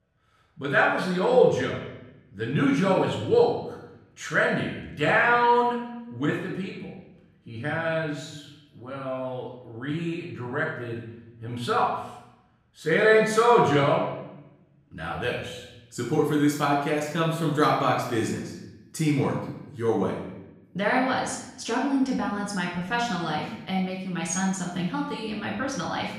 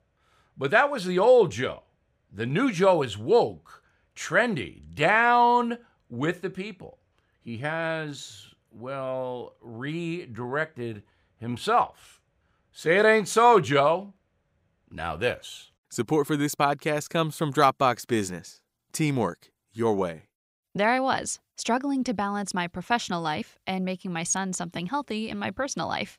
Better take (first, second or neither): second